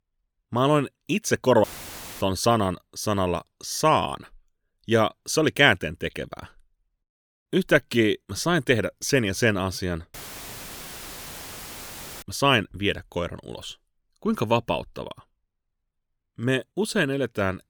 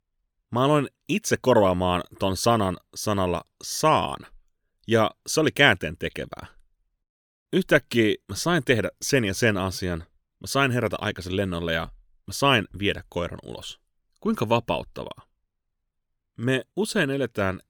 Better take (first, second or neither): second